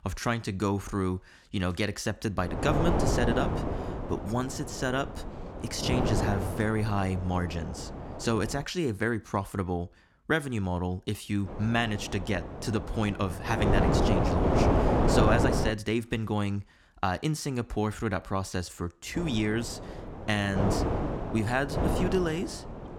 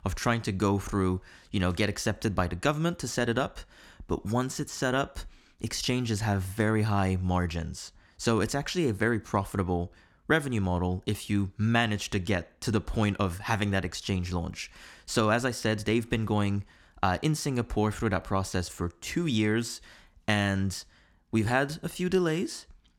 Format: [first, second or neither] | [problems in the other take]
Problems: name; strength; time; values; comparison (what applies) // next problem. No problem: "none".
second | wind noise on the microphone; heavy; from 2.5 to 8.5 s, from 11 to 16 s and from 19 s on; as loud as the speech